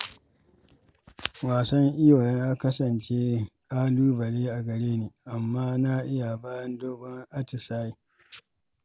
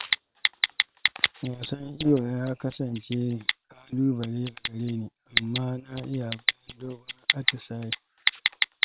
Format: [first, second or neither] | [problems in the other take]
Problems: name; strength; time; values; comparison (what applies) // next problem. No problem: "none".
first | noise reduction (neural separator model SepFormer WHAM!)